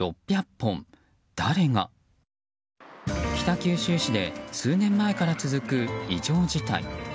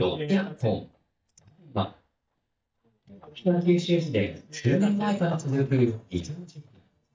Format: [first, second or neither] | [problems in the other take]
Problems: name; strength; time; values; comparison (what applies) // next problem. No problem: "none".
first | noise reduction (neural mask model DeepFilterNet 3)